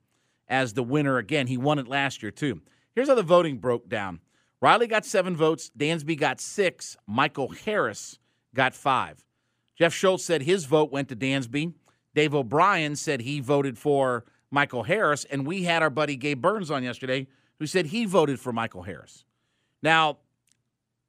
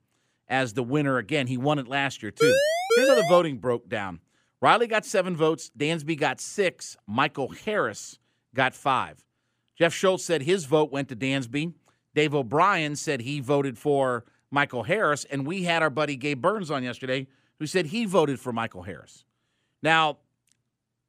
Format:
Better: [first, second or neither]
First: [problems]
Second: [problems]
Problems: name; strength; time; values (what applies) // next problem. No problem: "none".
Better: first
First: none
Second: siren; loud; at 2.5 s; peak 5 dB above the speech